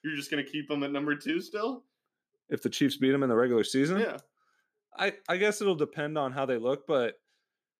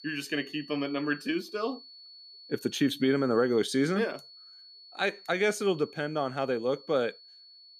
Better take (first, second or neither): first